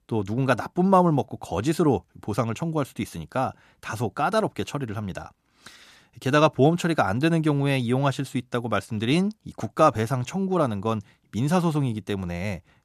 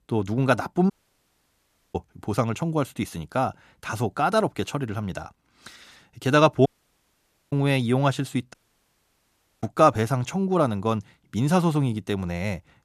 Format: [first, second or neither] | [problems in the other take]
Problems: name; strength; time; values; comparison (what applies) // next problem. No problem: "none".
first | audio cutting out; at 1 s for 1 s, at 6.5 s for 1 s and at 8.5 s for 1 s